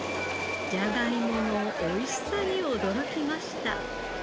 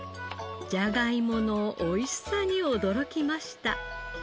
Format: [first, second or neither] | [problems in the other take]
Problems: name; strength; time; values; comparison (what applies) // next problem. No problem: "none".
second | background sound (Subway, metro, underground); 2 dB below the speech